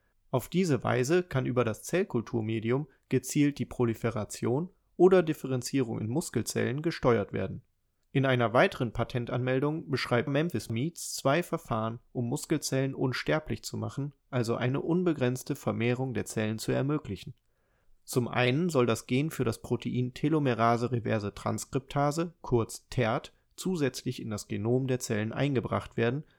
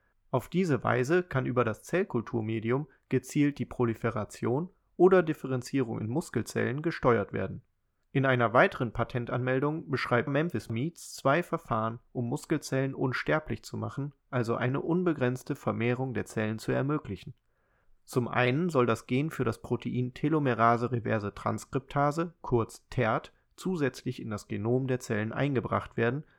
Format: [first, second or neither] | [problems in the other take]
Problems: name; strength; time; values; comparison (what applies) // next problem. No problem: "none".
first | muffled; slightly; fading above 3 kHz